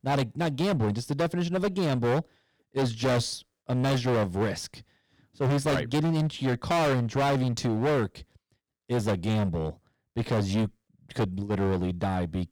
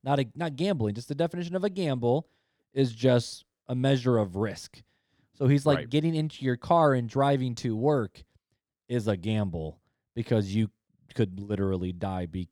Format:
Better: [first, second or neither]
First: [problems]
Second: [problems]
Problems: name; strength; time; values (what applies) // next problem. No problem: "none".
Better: second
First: distortion; heavy; 19% of the sound clipped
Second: none